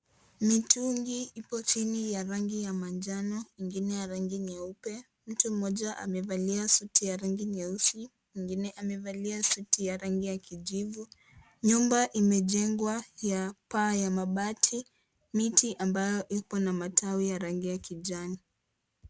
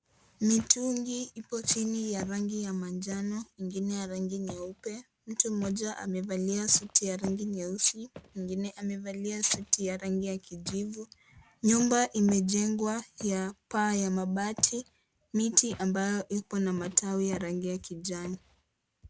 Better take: first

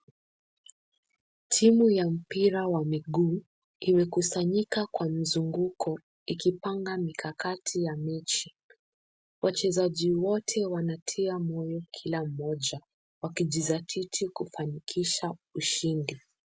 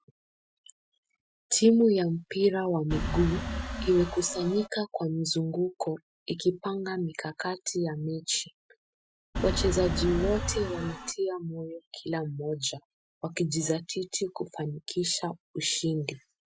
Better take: first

